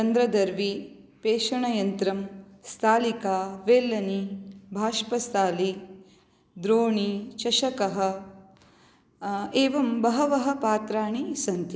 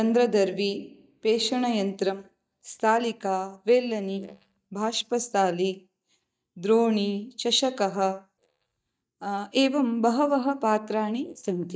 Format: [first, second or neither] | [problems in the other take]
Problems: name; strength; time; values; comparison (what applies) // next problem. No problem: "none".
first | noise reduction (neural mask model DeepFilterNet 3)